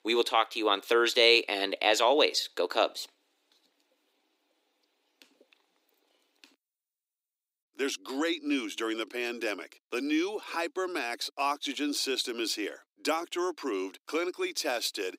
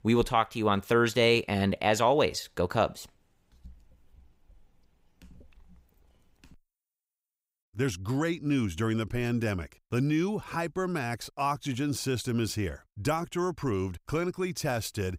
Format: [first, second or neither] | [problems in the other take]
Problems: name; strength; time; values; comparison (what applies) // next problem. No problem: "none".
second | thin; somewhat; fading below 300 Hz